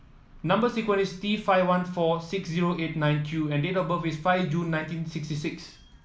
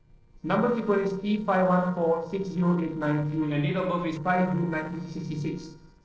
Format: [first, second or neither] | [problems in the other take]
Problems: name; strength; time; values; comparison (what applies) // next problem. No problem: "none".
first | noise reduction (neural separator model SepFormer DNS4)